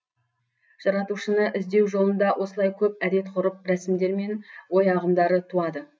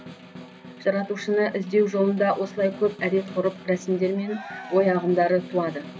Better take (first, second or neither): first